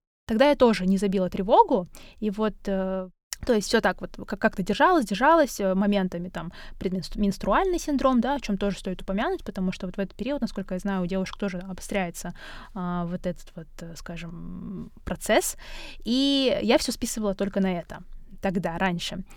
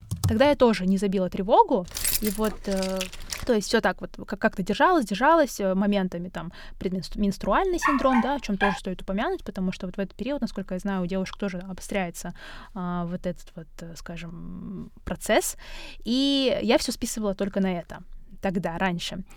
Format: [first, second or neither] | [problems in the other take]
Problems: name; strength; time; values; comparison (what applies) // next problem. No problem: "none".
first | keyboard typing; noticeable; at the start; peak 4 dB below the speech // jangling keys; loud; from 2 to 3.5 s; peak 1 dB above the speech // dog barking; noticeable; at 8 s; peak level with the speech